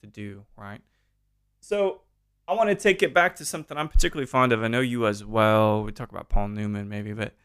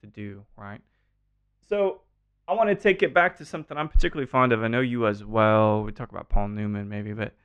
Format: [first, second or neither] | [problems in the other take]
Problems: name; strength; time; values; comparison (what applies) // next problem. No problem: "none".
first | muffled; slightly; fading above 2.5 kHz